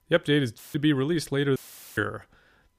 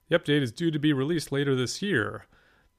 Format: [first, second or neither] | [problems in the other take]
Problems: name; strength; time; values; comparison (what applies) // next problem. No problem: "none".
second | audio cutting out; filled with static; at 0.5 s and at 1.5 s